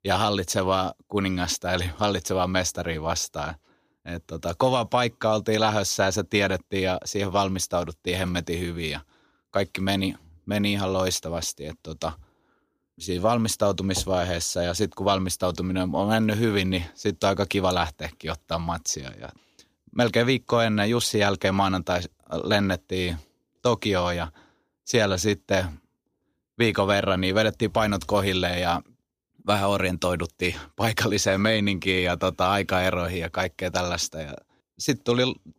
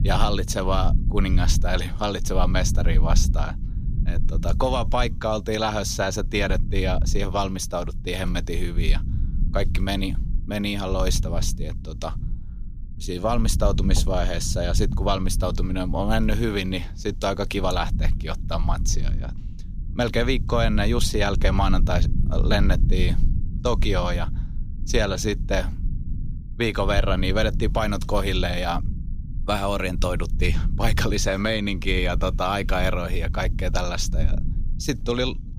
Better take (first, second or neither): first